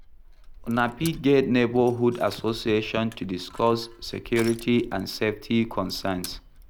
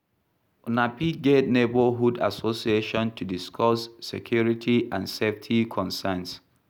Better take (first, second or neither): second